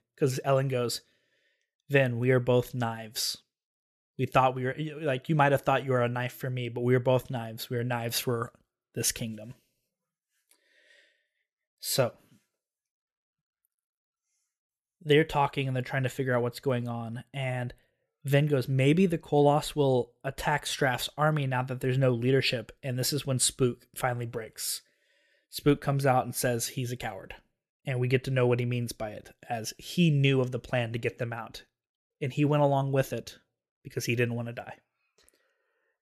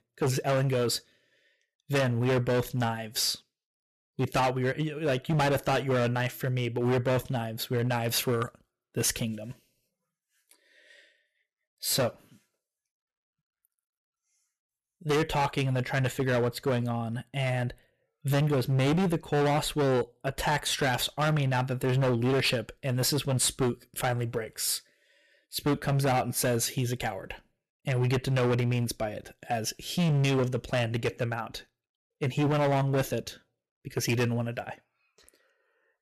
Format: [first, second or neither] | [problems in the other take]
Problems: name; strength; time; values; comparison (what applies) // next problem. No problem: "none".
first | distortion; heavy; 12% of the sound clipped